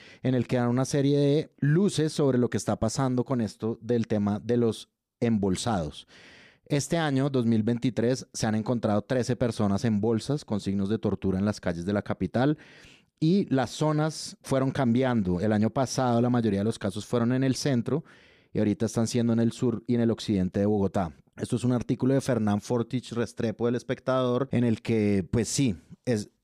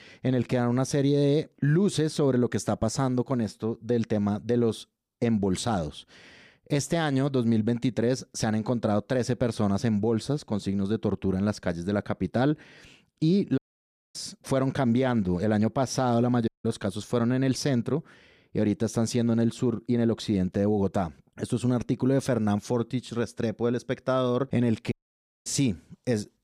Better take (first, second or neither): first